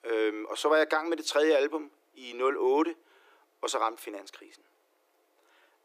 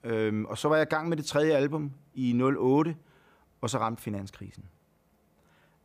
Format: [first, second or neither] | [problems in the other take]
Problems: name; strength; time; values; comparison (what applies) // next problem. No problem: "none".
second | thin; very; fading below 300 Hz